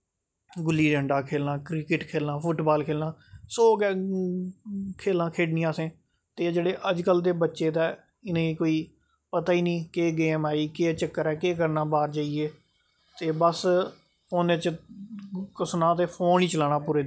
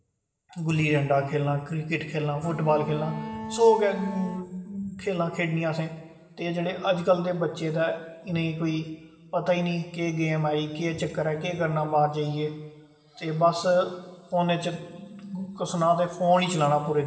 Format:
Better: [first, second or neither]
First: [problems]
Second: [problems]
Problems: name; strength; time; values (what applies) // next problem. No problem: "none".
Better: first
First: none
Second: background sound (Bowed string instrument); 10 dB below the speech // room echo; dies away in 2.5 s